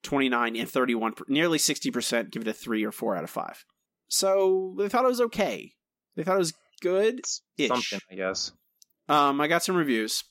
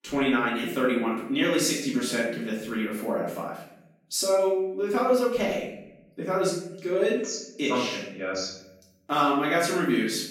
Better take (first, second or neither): first